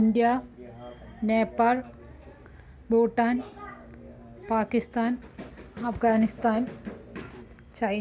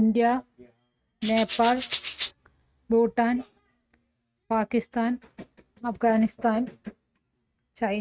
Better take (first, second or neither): first